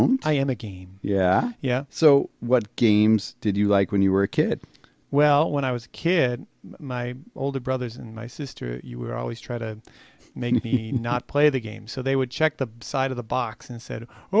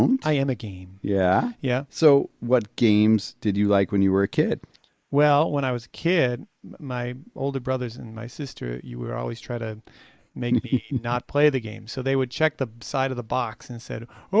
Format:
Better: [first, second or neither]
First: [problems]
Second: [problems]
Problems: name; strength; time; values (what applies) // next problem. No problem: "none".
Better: first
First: none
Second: noise reduction (neural mask model Resemble Enhance denoiser)